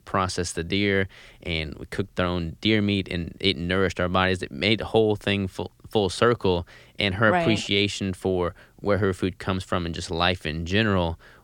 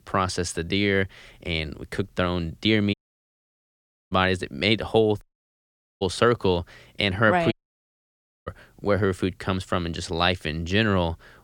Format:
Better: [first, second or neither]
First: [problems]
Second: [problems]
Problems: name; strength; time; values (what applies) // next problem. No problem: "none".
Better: first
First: none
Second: audio cutting out; at 3 s for 1 s, at 5 s for 1 s and at 7.5 s for 1 s